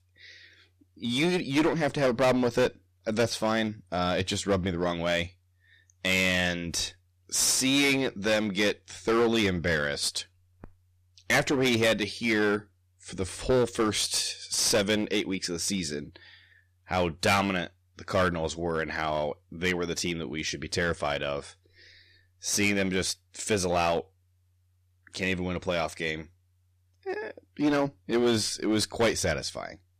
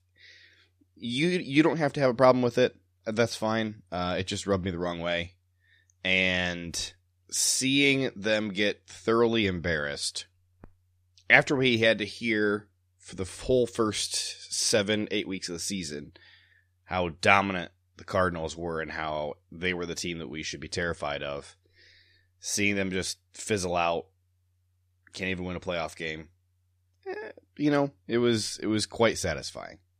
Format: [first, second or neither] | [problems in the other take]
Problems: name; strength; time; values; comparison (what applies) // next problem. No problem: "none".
second | distortion; heavy; 7% of the sound clipped